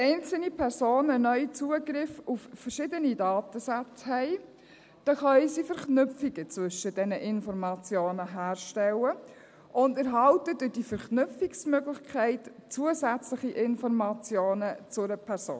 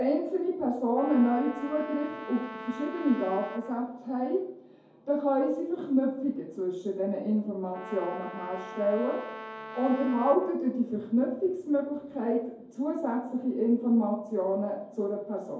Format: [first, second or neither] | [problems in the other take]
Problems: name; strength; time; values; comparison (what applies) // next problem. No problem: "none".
first | background sound (Brass instrument); 13 dB below the speech // room echo; dies away in 2.3 s